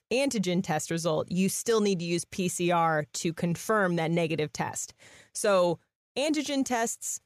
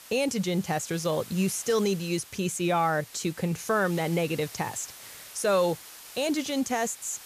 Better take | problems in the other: first | hiss; noticeable; throughout; 15 dB below the speech

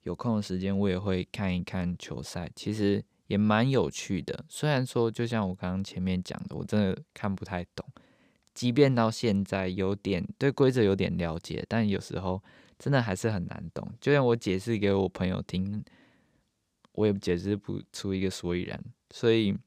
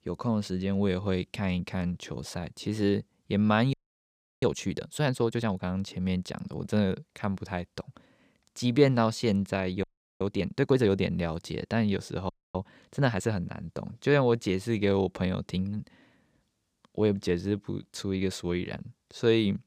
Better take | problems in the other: first | audio freezing; at 3.5 s for 0.5 s, at 10 s and at 12 s

